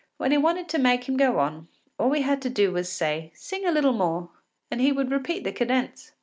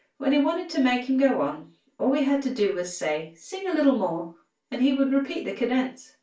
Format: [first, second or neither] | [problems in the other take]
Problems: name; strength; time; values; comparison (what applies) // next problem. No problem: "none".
first | room echo; dies away in 0.2 s